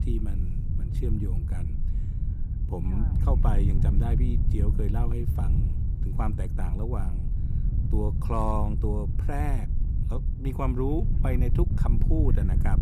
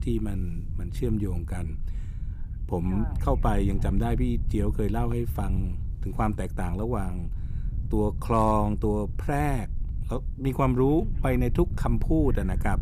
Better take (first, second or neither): second